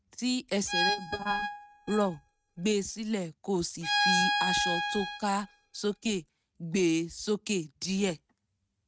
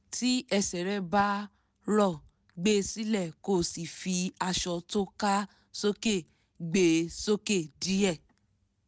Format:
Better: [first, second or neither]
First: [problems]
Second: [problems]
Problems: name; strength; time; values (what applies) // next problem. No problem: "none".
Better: second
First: noise reduction (neural mask model RNNoise)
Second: none